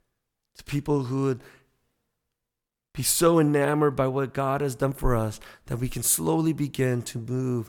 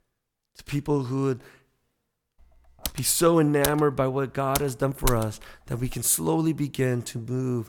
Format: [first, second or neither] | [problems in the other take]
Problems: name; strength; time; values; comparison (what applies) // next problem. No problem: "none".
first | keyboard typing; noticeable; from 3 to 5 s; peak 6 dB below the speech